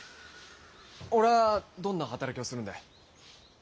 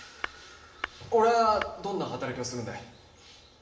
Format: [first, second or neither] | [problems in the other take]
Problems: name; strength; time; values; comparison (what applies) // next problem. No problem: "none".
first | background sound (Tap / Glass); 12 dB below the speech // room echo; dies away in 0.8 s